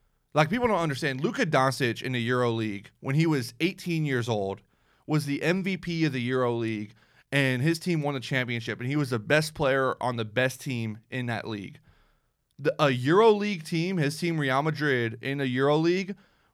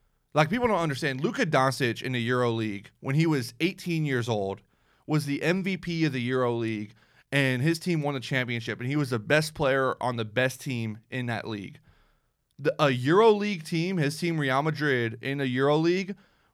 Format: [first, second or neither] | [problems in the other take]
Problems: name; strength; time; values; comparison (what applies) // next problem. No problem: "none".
neither | none